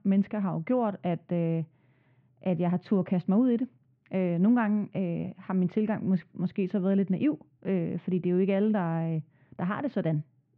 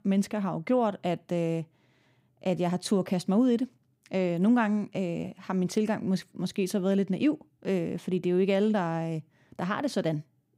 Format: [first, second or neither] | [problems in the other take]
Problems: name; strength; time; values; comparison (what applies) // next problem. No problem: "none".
second | muffled; very; fading above 2.5 kHz